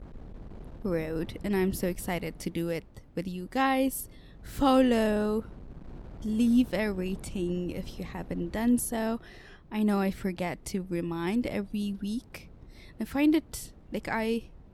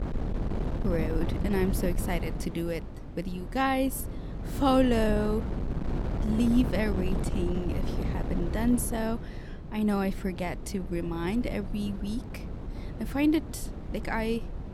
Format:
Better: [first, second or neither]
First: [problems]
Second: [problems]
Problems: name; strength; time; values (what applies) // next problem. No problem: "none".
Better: first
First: wind noise on the microphone; occasional gusts; 25 dB below the speech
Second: wind noise on the microphone; heavy; 10 dB below the speech